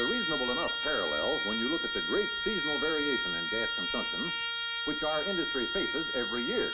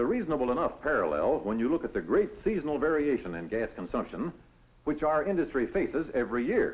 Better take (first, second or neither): second